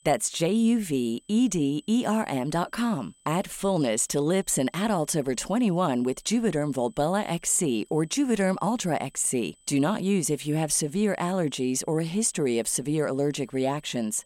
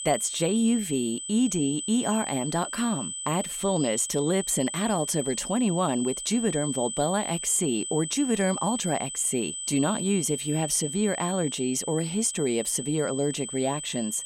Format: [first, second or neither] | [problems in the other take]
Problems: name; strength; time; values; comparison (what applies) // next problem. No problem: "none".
first | high-pitched whine; loud; throughout; 8 kHz, 6 dB below the speech; faint in the first